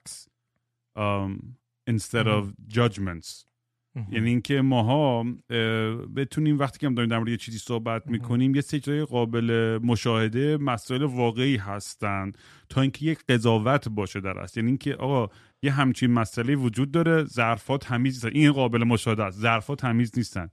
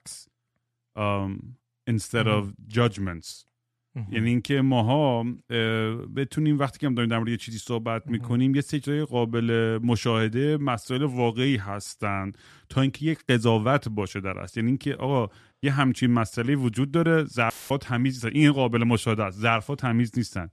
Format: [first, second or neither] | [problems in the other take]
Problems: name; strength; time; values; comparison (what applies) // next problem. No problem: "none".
first | audio cutting out; filled with static; at 18 s